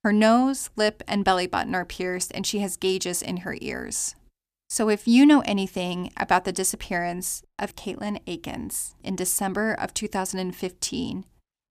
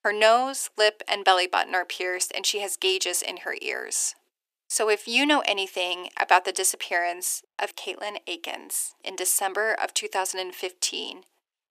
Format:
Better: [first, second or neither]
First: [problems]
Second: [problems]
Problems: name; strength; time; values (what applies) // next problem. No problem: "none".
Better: first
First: none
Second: thin; very; fading below 400 Hz